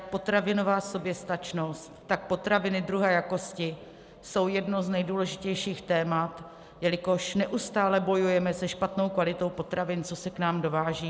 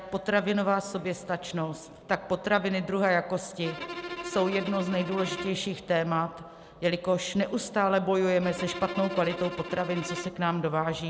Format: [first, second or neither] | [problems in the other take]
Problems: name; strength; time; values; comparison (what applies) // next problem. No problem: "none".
first | background sound (Bowed string instrument); 10 dB below the speech